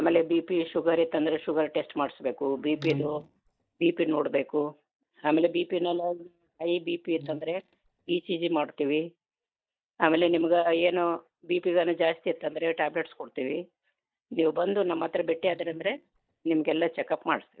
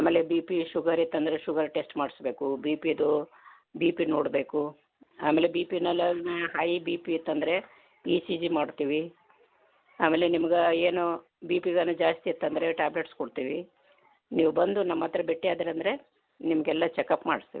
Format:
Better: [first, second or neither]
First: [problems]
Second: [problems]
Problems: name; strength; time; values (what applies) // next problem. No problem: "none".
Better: second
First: noise reduction (neural mask model DeepFilterNet 3)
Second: none